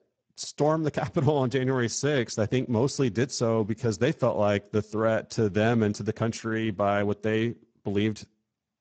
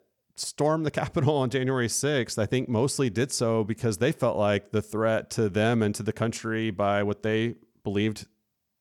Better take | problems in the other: second | garbled, watery; badly; nothing above 7.5 kHz

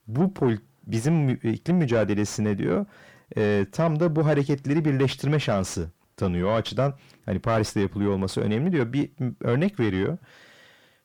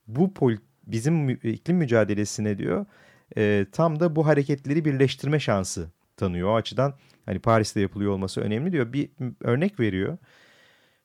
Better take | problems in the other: second | distortion; slight; 10 dB below the speech

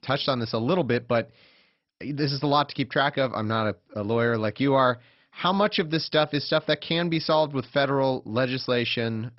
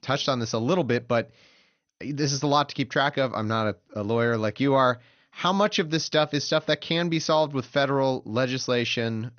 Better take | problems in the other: second | garbled, watery; badly; nothing above 5.5 kHz; slightly in the second

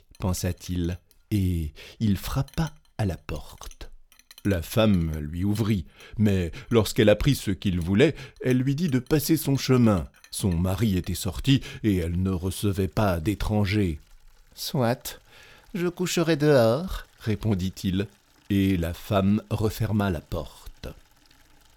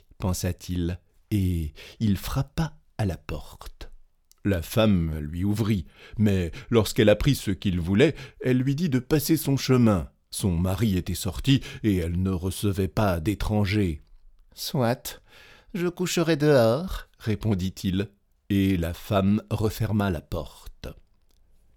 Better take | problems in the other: second | household noises; faint; throughout; 30 dB below the speech

